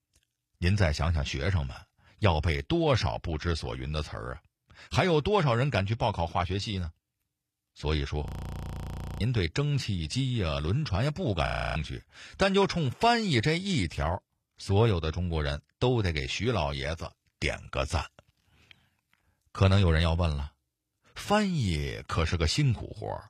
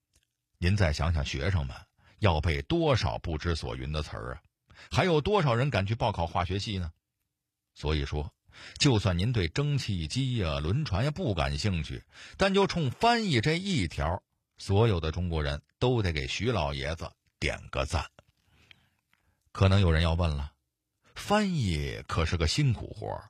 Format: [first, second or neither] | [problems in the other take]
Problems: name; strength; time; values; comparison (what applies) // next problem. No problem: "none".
second | audio freezing; at 8.5 s for 1 s and at 11 s